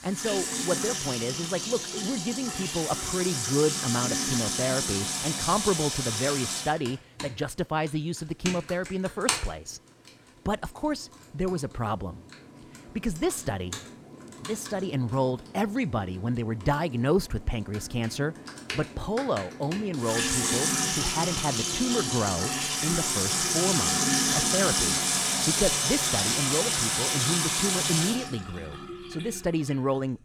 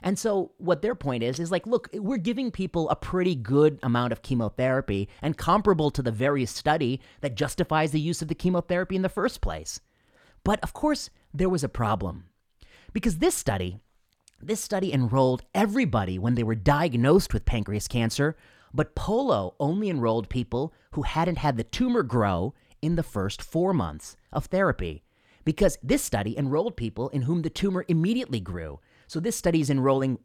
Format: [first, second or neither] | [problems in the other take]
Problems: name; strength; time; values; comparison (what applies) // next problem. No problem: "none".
second | household noises; very loud; throughout; 4 dB above the speech